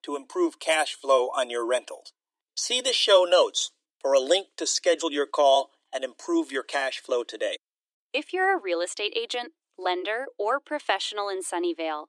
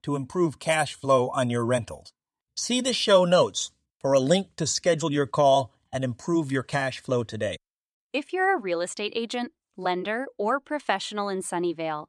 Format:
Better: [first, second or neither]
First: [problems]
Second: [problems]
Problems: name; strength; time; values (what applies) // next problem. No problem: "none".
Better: second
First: thin; very; fading below 300 Hz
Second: none